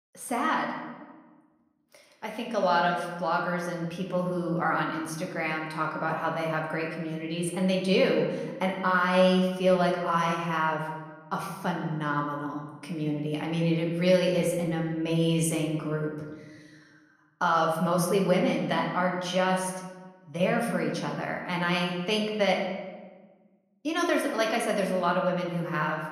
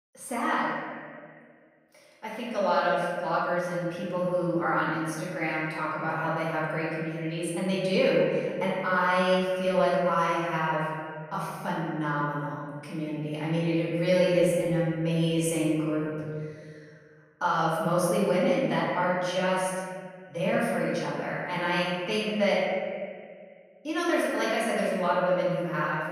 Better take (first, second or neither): first